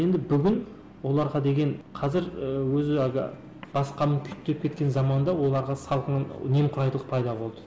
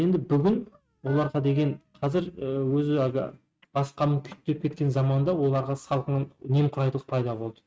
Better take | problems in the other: first | noise reduction (neural mask model RNNoise)

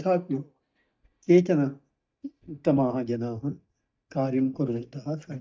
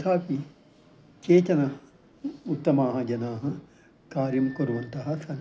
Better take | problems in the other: second | noise reduction (neural mask model DeepFilterNet 3)

